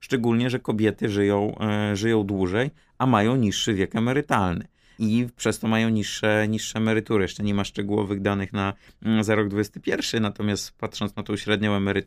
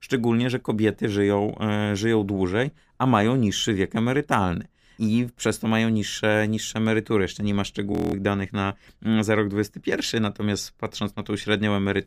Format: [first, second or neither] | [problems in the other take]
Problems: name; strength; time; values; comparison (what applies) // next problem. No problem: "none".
first | audio freezing; at 8 s